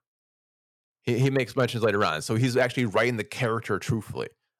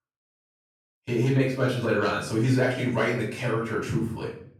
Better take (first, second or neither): first